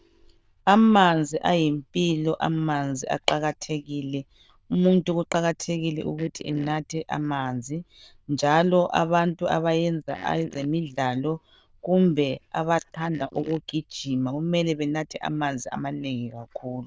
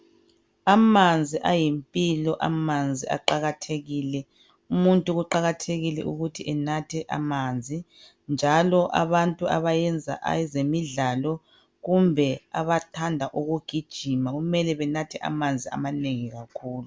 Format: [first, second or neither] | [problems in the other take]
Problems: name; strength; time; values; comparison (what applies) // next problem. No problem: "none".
second | noise reduction (neural diffusion model UNIVERSE++)